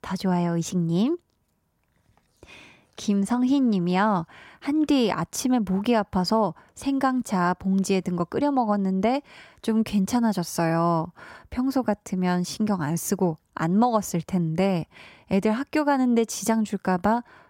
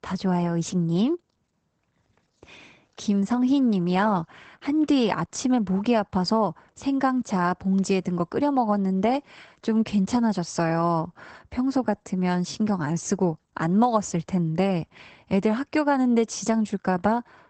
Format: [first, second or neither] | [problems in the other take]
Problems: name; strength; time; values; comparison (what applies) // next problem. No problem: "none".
first | garbled, watery; badly; nothing above 8 kHz